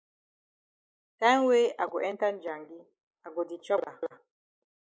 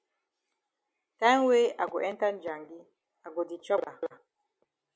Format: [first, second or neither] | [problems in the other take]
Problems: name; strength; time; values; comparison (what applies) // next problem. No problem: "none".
second | noise reduction (neural mask model Resemble Enhance denoiser)